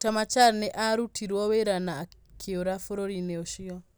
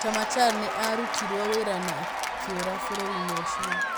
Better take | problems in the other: first | background sound (Applause / Cheering); as loud as the speech

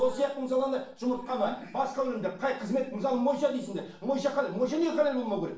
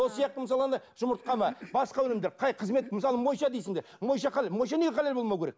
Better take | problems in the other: second | room echo; dies away in 0.4 s

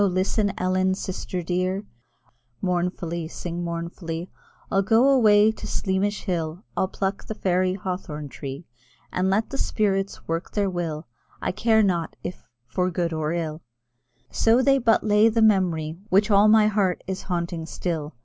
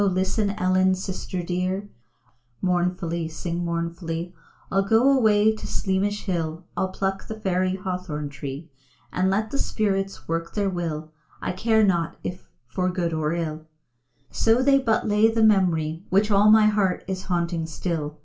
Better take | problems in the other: first | room echo; dies away in 0.2 s

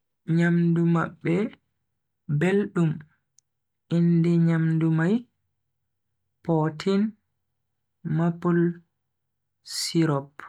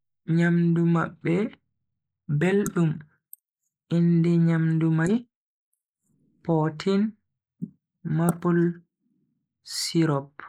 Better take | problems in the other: first | noise reduction (neural mask model Resemble Enhance denoiser)

